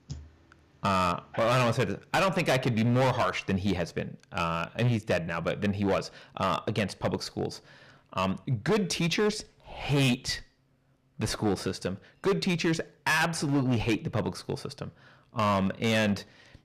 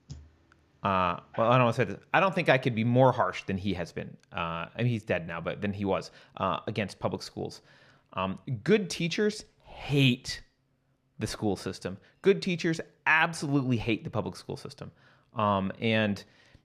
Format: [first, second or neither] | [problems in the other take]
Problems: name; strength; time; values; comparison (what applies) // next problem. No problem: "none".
second | distortion; heavy; 9% of the sound clipped